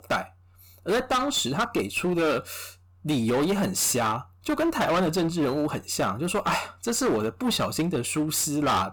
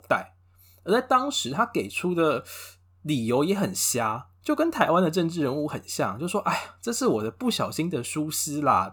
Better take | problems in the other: second | distortion; heavy; 15% of the sound clipped

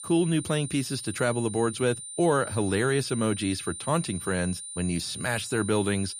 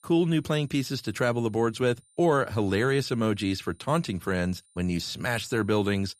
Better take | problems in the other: second | high-pitched whine; loud; throughout; 9 kHz, 9 dB below the speech; faint in the second

